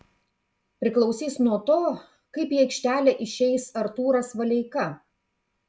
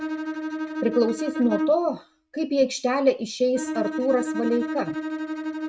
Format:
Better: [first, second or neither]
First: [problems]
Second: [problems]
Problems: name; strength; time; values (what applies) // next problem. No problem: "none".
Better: first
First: none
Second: noise reduction (neural mask model RNNoise)